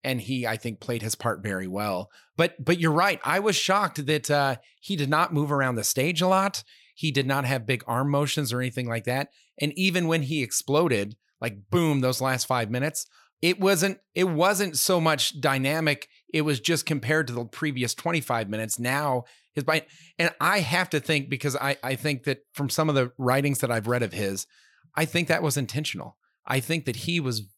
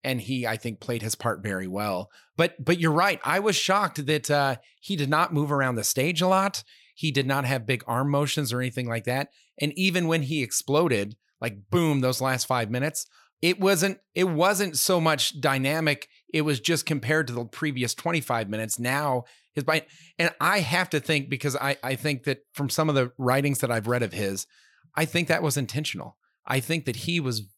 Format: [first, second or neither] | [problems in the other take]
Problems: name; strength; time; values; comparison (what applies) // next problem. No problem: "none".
neither | none